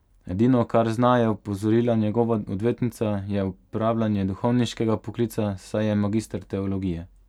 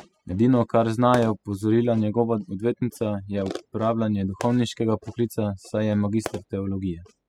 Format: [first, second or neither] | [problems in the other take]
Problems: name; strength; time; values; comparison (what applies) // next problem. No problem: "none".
first | noise reduction (classical method spectral subtraction)